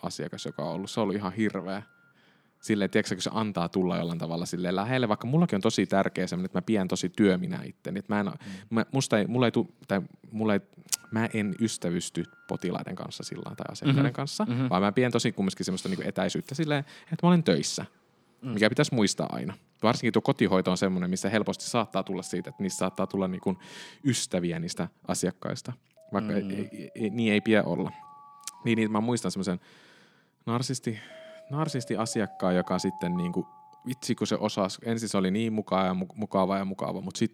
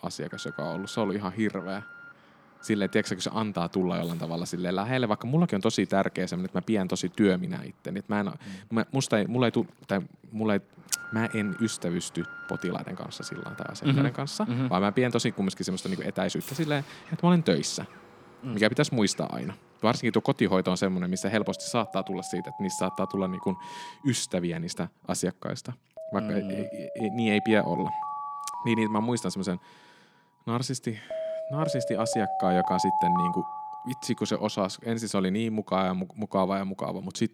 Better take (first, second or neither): first